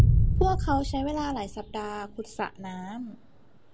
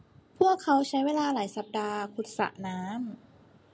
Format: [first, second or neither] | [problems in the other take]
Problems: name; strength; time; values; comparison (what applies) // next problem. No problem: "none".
second | background sound (Boom); 4 dB above the speech